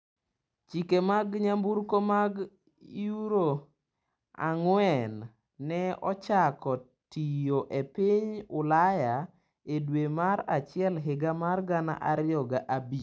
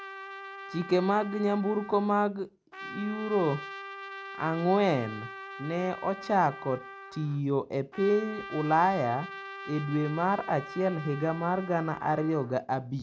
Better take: first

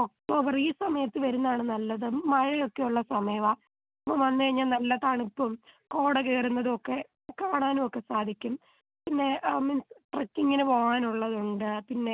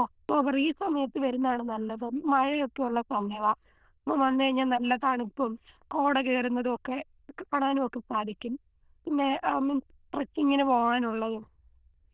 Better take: first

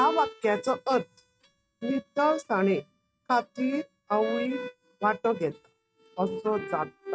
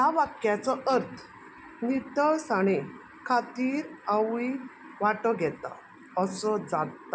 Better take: second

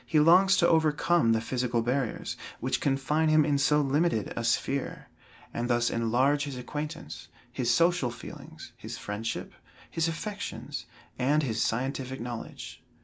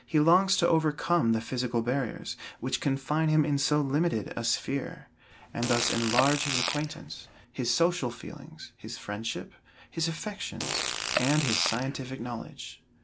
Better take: first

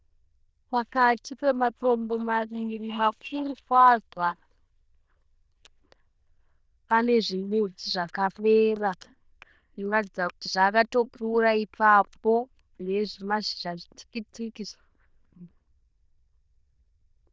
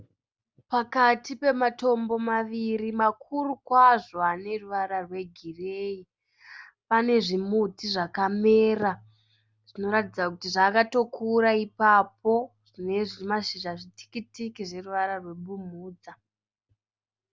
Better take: second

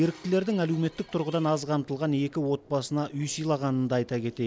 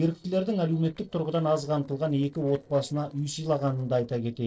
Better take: first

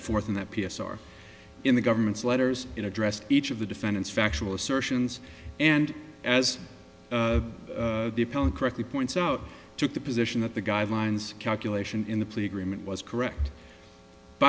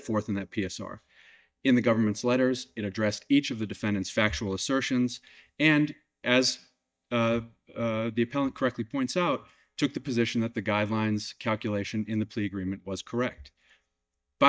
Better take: first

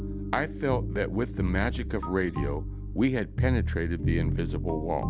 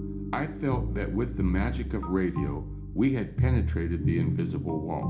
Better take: first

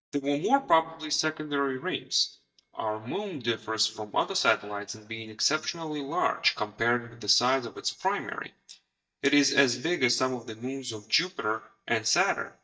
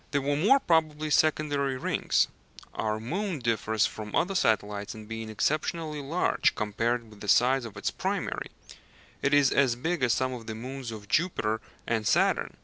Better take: second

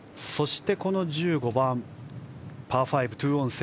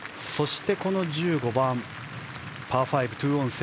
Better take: first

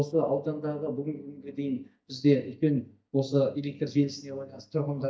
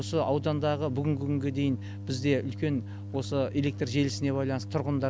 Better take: second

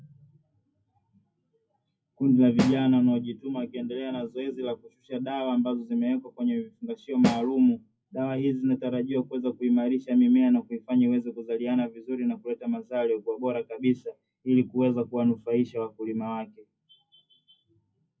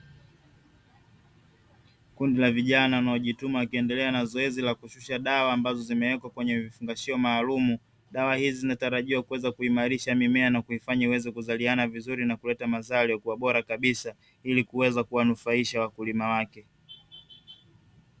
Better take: second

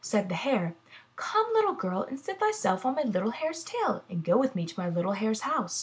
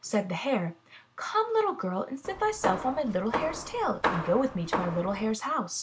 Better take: first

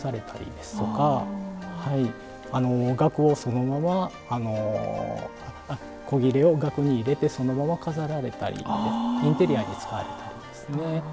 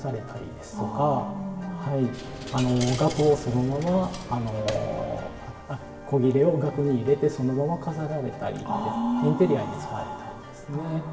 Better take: first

